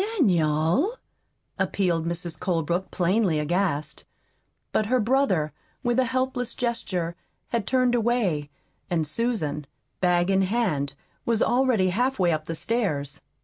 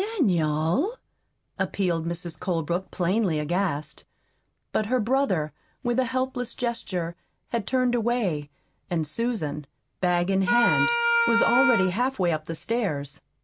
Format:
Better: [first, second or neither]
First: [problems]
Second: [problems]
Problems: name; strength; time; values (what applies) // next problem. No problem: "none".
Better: first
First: none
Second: background sound (Wind instrument, woodwind instrument); 2 dB above the speech